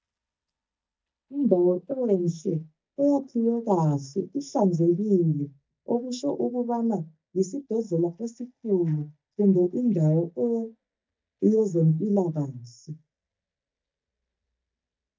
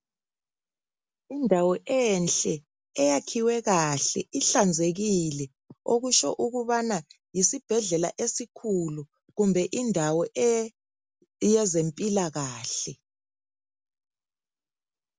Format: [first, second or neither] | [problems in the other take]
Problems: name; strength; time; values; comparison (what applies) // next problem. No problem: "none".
second | noise reduction (neural mask model DeepFilterNet 3)